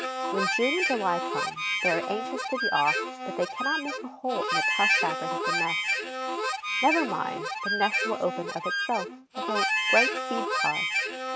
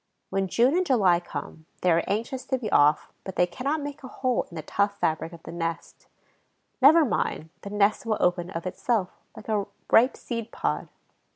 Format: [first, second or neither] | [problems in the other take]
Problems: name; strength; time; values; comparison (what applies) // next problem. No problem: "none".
second | background sound (Harmonica); 2 dB above the speech